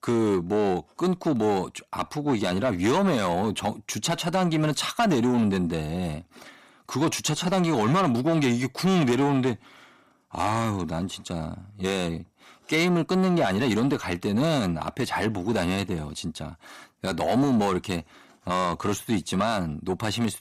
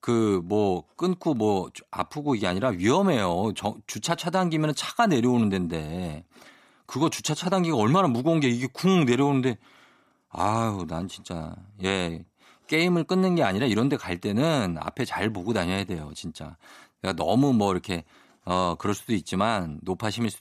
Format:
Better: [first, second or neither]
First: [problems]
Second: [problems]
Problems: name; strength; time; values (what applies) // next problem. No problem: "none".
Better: second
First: distortion; slight; 10 dB below the speech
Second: none